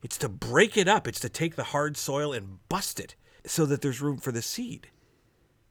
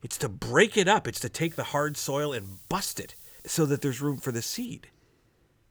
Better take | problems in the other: first | hiss; noticeable; from 1.5 to 4.5 s; 20 dB below the speech

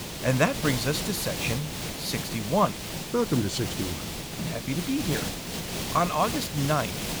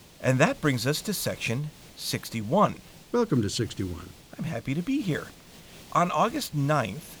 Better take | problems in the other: second | hiss; loud; throughout; 4 dB below the speech; faint in the second

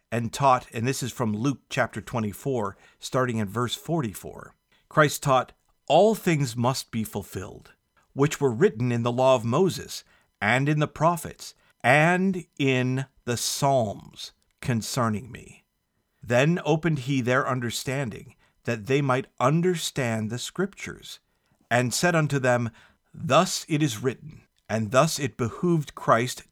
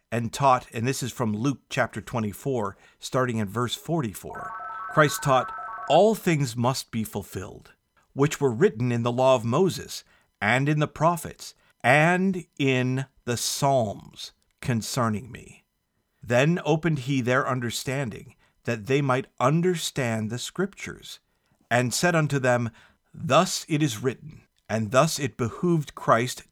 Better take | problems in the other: first | phone ringing; noticeable; from 4.5 to 6 s; peak 10 dB below the speech

